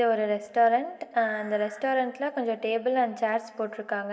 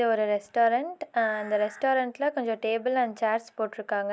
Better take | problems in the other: second | room echo; dies away in 1.3 s

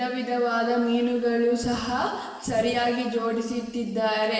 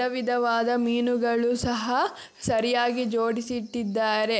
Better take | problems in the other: second | room echo; dies away in 1.2 s

